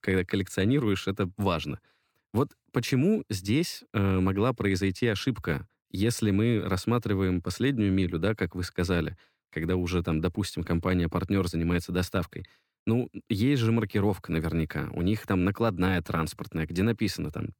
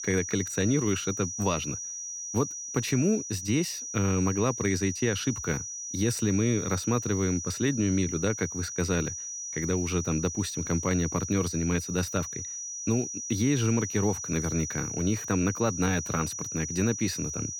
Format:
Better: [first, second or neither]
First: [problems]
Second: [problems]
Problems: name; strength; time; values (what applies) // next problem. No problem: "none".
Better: first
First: none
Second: high-pitched whine; loud; throughout; 6 kHz, 5 dB below the speech